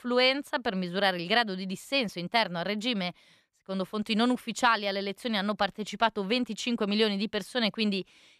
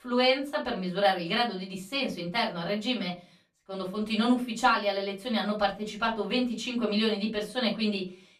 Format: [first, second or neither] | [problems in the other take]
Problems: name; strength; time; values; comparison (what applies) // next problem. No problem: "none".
first | off-mic speech; far // room echo; very slight; dies away in 0.2 s